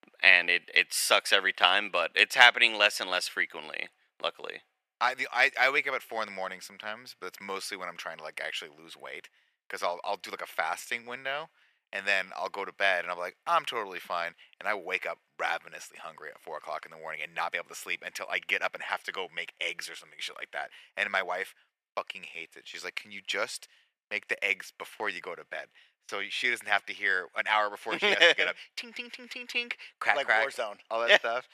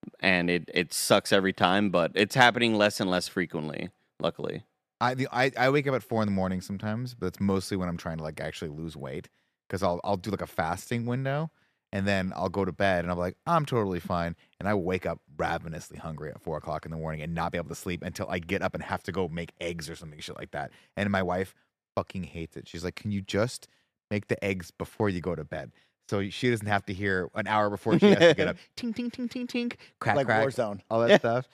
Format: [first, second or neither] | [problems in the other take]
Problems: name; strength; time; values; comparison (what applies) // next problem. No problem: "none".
second | thin; very; fading below 750 Hz